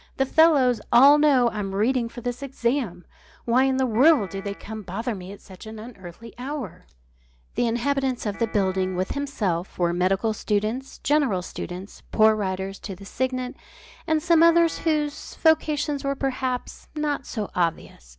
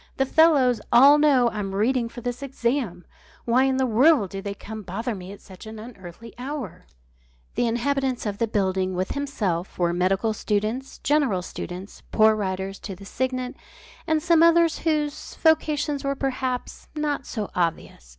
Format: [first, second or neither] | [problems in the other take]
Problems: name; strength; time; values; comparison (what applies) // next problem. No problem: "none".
second | background sound (Piano); 20 dB below the speech